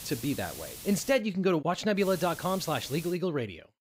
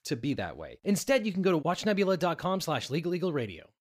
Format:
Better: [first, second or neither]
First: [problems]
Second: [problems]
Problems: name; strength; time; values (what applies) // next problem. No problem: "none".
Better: second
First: hiss; noticeable; until 1 s and from 2 to 3 s; 15 dB below the speech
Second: none